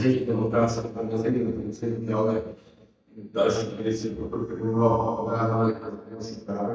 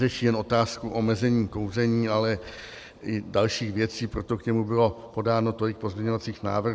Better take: second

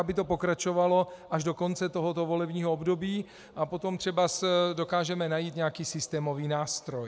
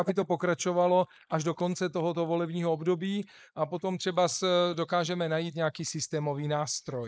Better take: first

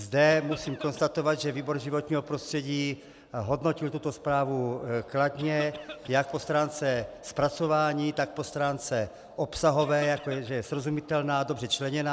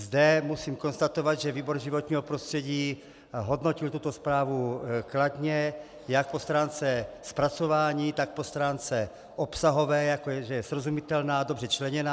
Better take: second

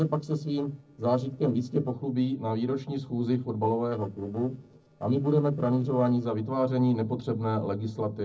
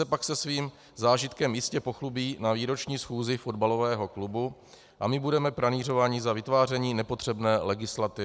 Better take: second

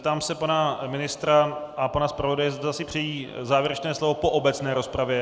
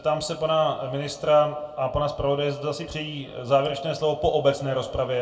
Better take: first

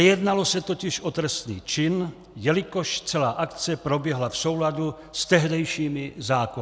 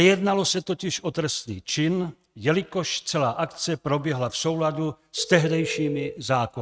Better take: first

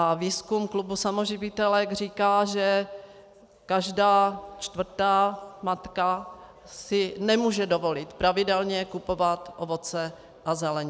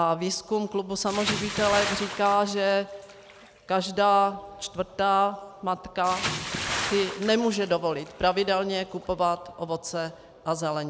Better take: first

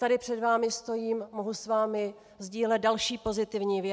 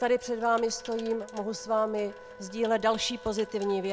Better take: first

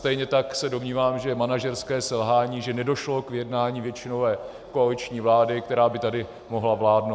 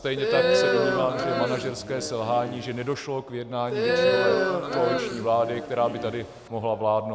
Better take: first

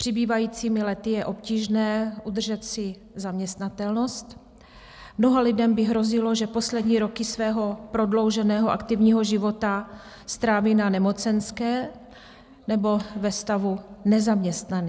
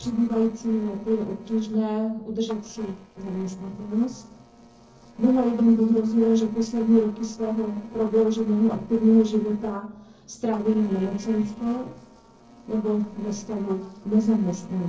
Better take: first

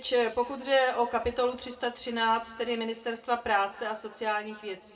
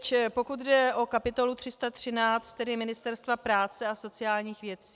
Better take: second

